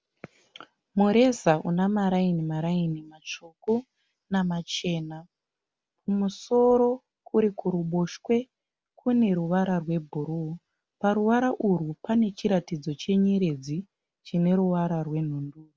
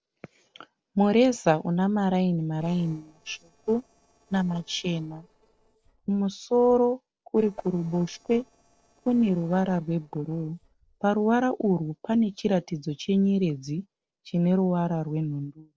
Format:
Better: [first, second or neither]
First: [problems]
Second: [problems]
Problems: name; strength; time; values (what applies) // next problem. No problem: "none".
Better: first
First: none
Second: noise reduction (neural separator model SepFormer DNS4)